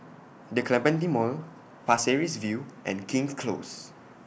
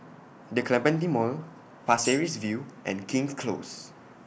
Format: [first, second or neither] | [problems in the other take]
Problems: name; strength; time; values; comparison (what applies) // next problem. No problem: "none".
first | background sound (Tambourine); 12 dB below the speech